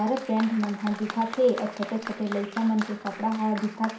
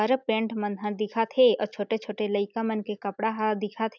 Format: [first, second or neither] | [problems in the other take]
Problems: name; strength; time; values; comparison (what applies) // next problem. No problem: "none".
second | background sound (Applause); 12 dB below the speech // room echo; dies away in 0.5 s